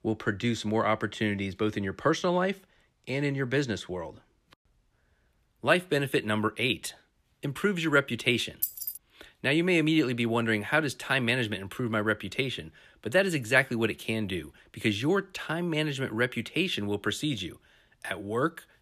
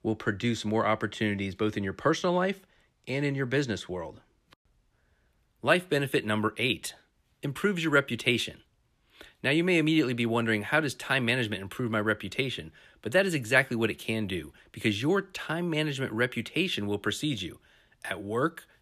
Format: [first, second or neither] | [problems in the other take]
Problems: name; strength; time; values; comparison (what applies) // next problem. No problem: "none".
second | jangling keys; noticeable; at 8.5 s; peak 2 dB below the speech